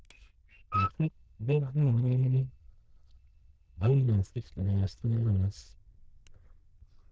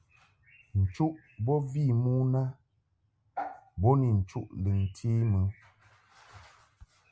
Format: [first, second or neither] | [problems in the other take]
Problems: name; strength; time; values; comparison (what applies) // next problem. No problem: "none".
second | noise reduction (neural diffusion model UNIVERSE++)